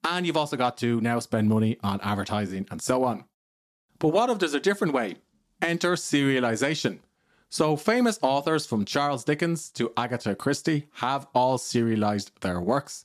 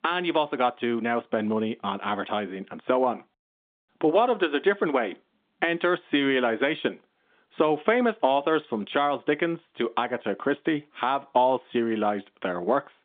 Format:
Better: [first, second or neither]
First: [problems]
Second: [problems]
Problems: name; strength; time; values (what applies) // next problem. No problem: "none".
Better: first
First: none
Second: phone-call audio; nothing above 3.5 kHz